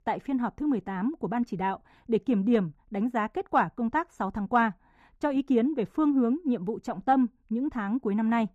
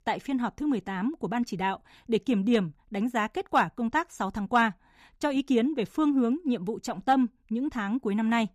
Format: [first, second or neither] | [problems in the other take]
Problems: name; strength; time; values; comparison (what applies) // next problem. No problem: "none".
second | muffled; slightly; fading above 2.5 kHz